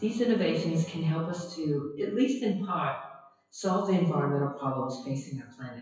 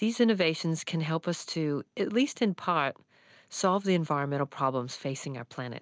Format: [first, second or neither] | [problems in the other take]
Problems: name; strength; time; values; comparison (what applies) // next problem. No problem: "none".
second | noise reduction (classical method WPE with log-MMSE)